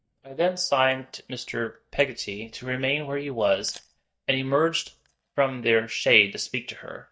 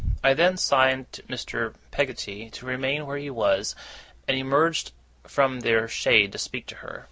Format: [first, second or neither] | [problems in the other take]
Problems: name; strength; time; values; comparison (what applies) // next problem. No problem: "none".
second | noise reduction (neural mask model DeepFilterNet 3)